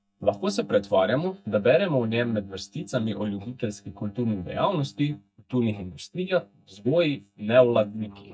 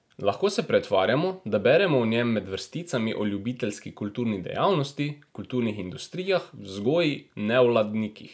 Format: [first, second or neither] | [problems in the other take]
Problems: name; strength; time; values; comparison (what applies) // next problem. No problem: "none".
second | noise reduction (neural mask model DeepFilterNet 3)